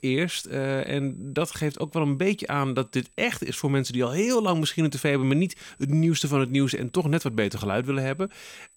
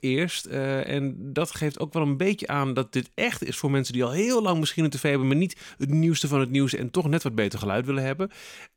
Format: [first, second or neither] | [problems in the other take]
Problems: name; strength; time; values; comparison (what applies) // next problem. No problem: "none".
second | high-pitched whine; faint; throughout; 8 kHz, 30 dB below the speech